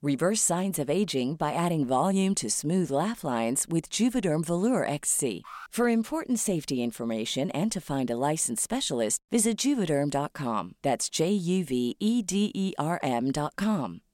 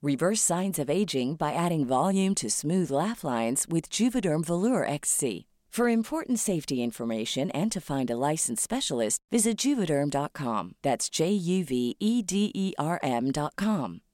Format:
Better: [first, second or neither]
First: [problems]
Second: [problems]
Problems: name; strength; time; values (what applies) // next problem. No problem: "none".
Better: second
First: alarm; faint; at 5.5 s; peak 15 dB below the speech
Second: none